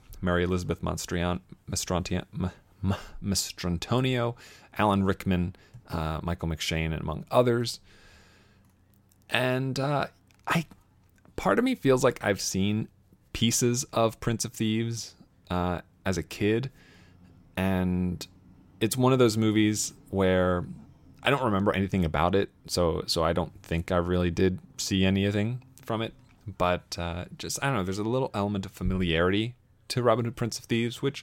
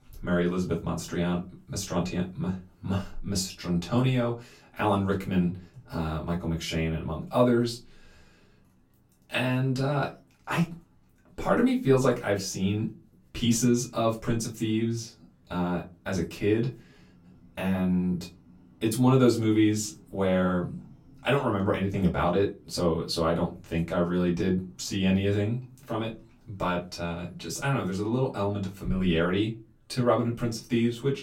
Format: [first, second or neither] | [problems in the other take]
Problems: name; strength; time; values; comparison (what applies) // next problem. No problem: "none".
first | off-mic speech; far // room echo; very slight; dies away in 0.2 s